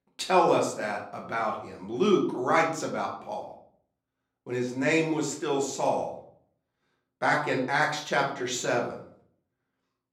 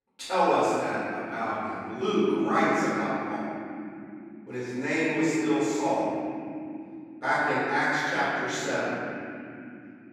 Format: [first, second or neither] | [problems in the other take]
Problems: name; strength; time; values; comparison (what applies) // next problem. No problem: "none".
first | room echo; strong; dies away in 3 s; slight in the first // off-mic speech; far; far in the first